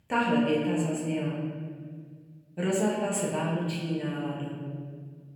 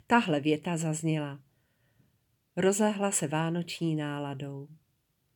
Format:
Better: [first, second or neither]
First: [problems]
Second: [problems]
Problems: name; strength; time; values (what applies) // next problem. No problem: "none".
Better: second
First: room echo; noticeable; dies away in 1.9 s // off-mic speech; far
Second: none